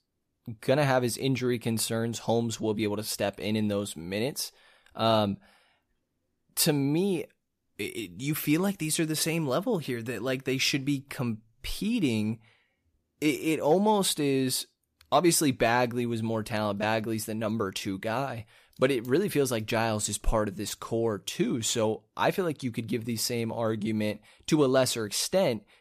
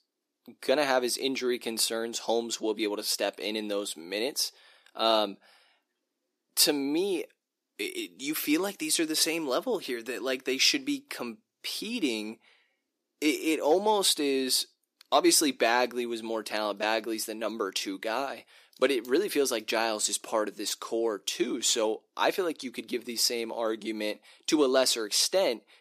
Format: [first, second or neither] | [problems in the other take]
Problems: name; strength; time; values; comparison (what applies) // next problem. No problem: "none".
first | thin; very slightly; fading below 300 Hz